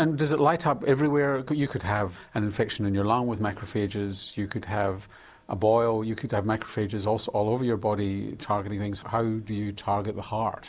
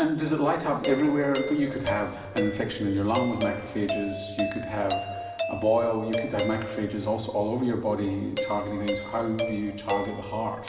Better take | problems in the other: first | background sound (Doorbell); 7 dB below the speech // room echo; dies away in 2.6 s

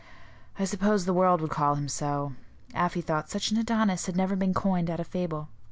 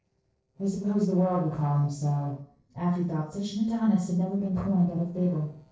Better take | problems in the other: first | noise reduction (neural separator model SepFormer DNS4)

